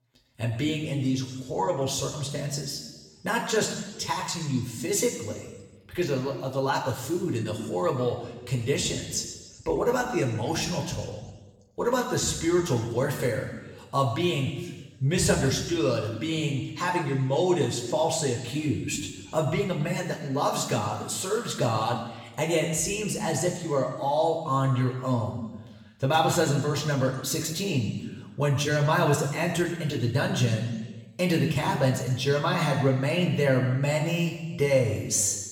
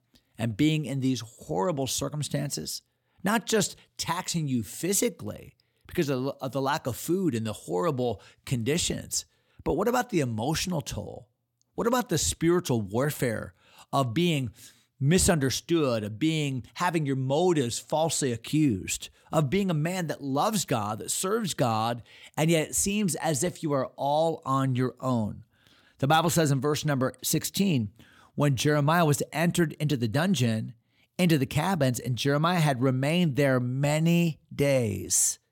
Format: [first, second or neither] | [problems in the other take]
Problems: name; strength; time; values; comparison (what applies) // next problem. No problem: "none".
second | room echo; noticeable; dies away in 1.2 s // off-mic speech; somewhat distant